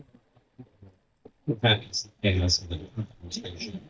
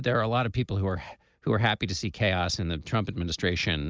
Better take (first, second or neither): second